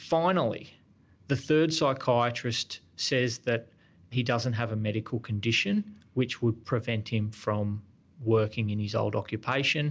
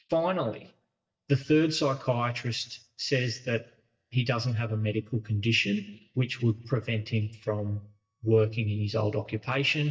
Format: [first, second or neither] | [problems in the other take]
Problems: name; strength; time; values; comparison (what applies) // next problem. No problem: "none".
first | noise reduction (neural mask model DeepFilterNet 3)